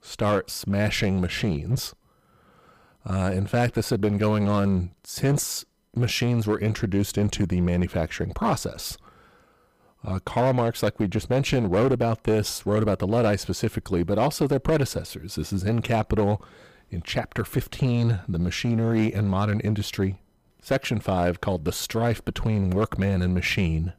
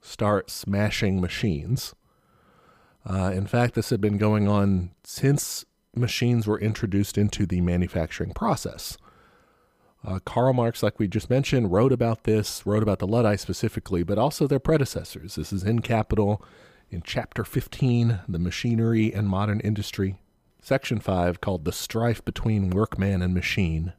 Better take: second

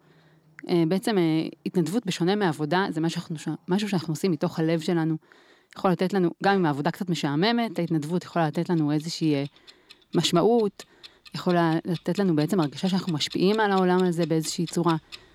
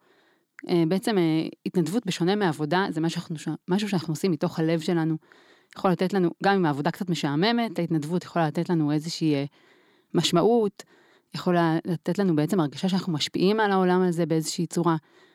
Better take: second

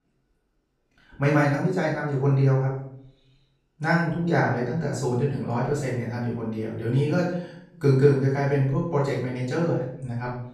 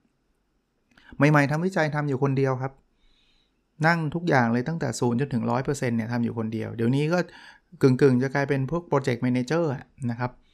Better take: second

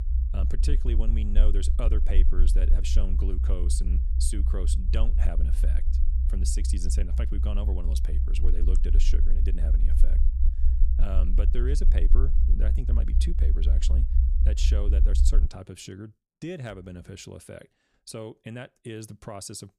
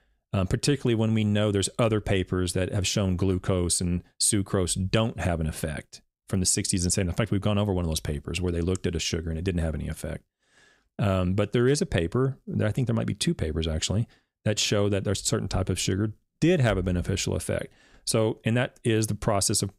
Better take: second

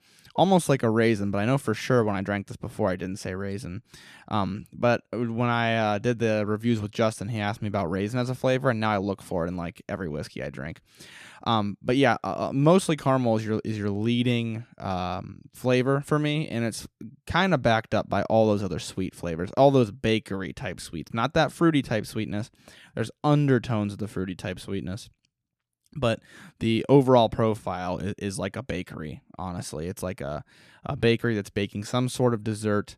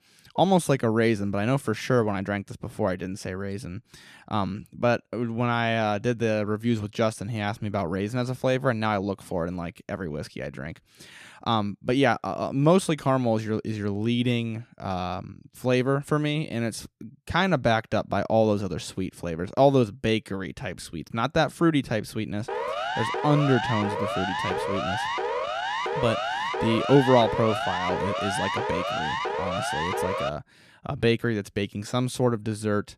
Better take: first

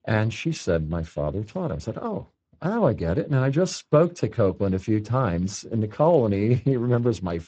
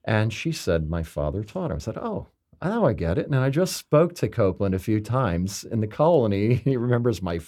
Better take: second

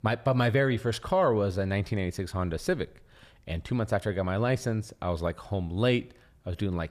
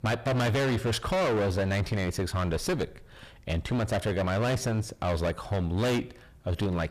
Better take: first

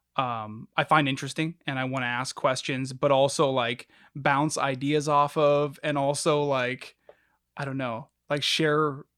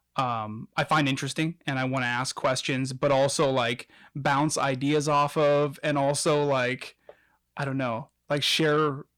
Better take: first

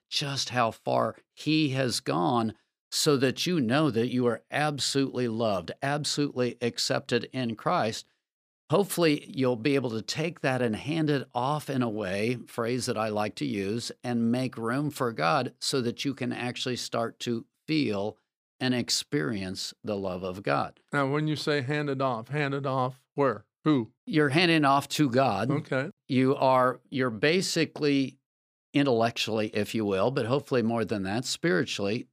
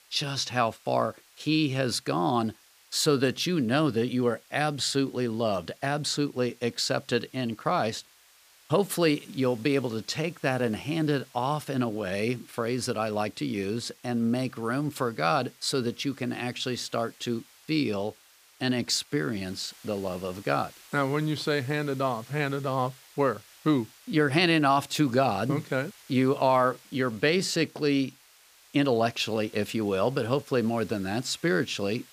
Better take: first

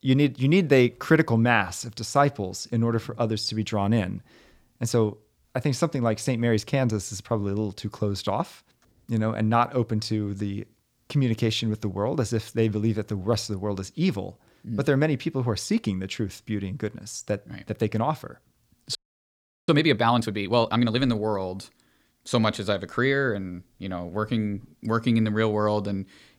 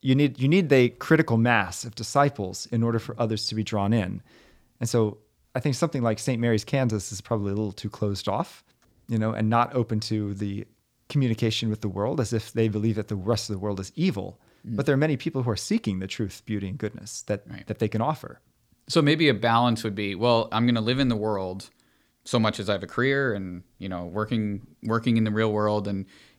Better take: second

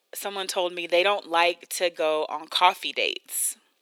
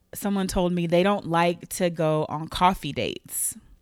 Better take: second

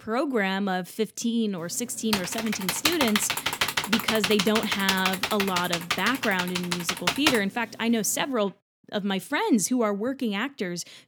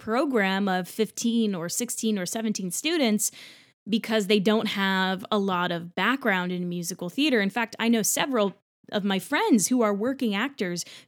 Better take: second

